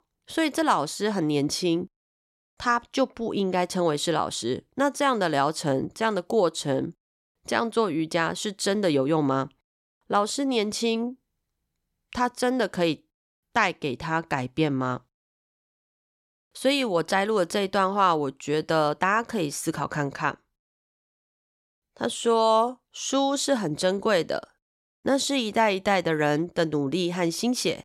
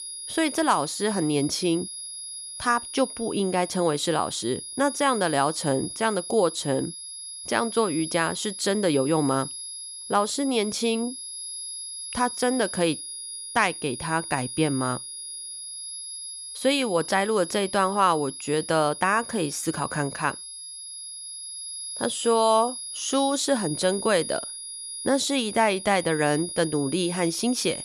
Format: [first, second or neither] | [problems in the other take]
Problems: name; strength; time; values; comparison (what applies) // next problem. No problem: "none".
first | high-pitched whine; loud; throughout; 10.5 kHz, 9 dB below the speech